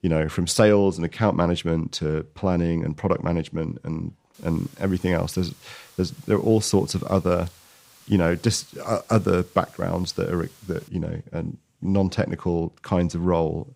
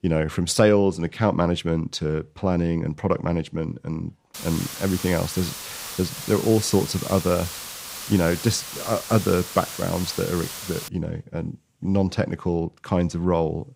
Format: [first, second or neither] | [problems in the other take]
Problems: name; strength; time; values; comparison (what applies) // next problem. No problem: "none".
first | hiss; loud; from 4.5 to 11 s; 9 dB below the speech; faint in the first